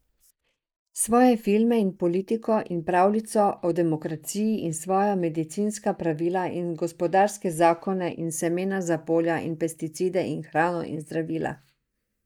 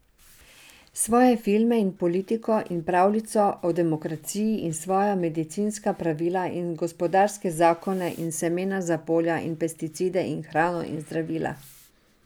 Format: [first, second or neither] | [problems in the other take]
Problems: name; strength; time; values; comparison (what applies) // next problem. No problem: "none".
second | noise reduction (neural mask model DeepFilterNet 3)